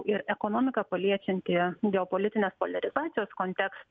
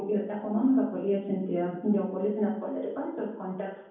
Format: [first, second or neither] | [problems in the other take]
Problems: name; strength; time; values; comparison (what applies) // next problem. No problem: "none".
first | room echo; dies away in 0.9 s